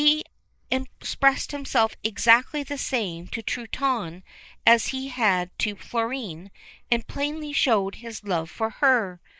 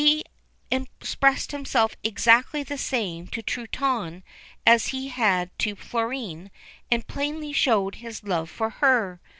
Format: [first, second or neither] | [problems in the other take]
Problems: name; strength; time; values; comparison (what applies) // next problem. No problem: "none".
second | noise reduction (neural mask model Resemble Enhance denoiser)